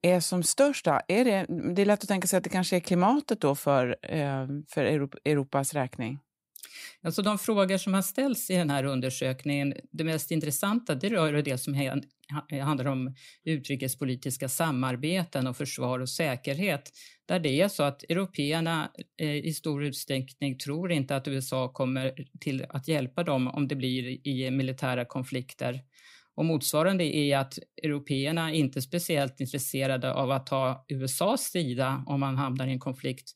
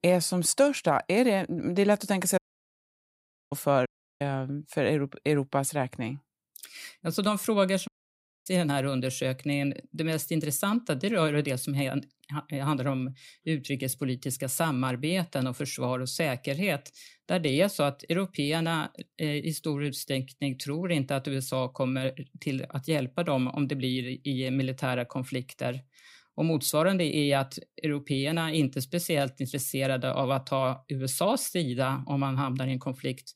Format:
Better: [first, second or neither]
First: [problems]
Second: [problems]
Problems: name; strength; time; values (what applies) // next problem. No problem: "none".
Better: first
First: none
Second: audio cutting out; at 2.5 s for 1 s, at 4 s and at 8 s for 0.5 s